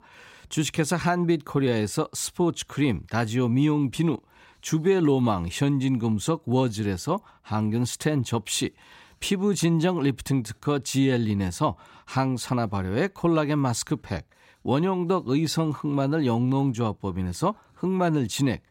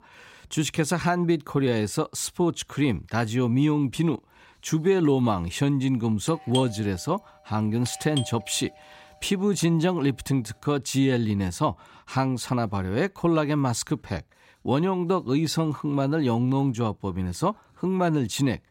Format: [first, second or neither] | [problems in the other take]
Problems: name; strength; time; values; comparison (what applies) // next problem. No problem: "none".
first | doorbell; noticeable; from 6.5 to 8.5 s; peak 8 dB below the speech